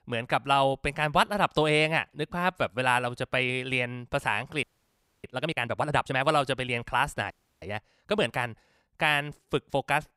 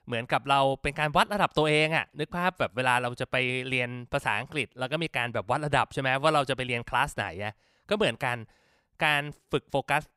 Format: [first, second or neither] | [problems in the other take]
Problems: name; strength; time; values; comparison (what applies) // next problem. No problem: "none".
second | audio freezing; at 4.5 s for 0.5 s and at 7.5 s